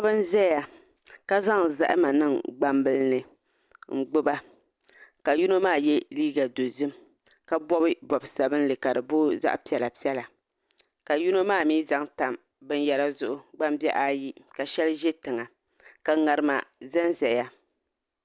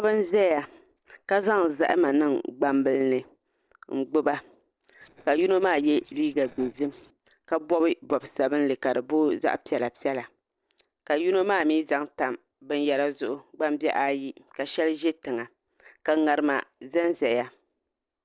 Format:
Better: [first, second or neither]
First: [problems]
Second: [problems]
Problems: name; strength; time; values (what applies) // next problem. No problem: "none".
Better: first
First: none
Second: noise reduction (neural separator model SepFormer DNS4)